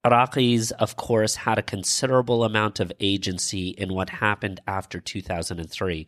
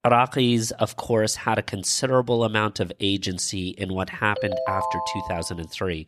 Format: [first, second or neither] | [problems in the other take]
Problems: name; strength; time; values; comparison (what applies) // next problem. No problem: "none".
first | phone ringing; noticeable; from 4.5 to 5.5 s; peak 2 dB below the speech